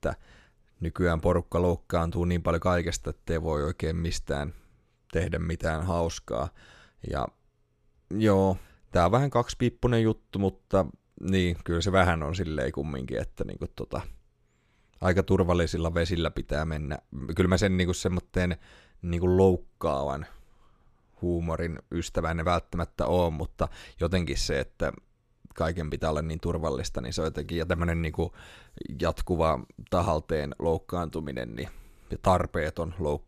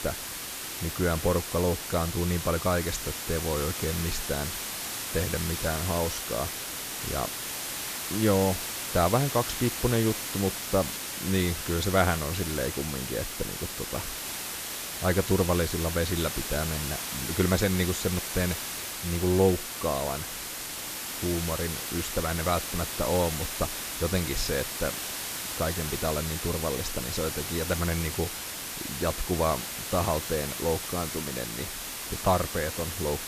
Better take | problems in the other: first | hiss; loud; throughout; 3 dB below the speech

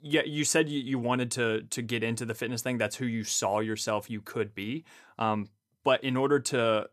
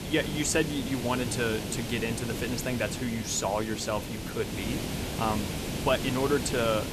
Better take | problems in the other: first | hiss; loud; throughout; 4 dB below the speech

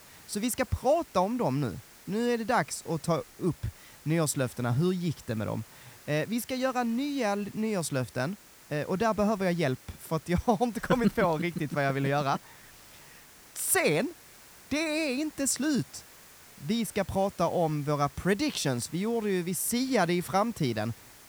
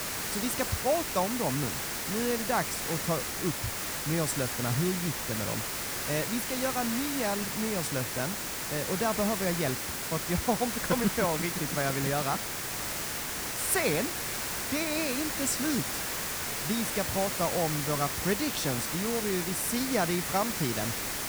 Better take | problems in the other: first | hiss; loud; throughout; as loud as the speech; faint in the first

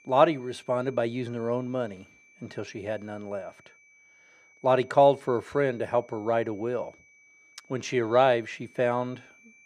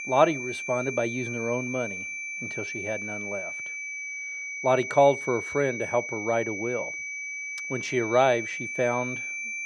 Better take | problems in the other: first | high-pitched whine; loud; throughout; 2.5 kHz, 5 dB below the speech; faint in the first

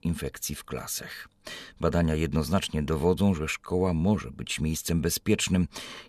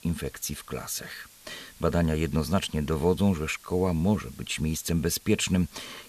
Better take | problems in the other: first | hiss; faint; throughout; 25 dB below the speech

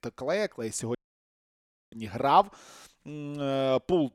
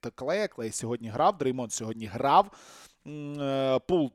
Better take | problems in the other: second | audio cutting out; at 1 s for 1 s

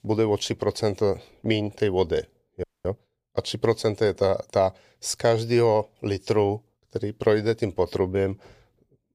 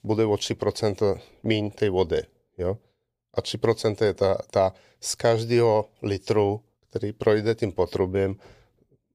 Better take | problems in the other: second | audio freezing; at 2.5 s

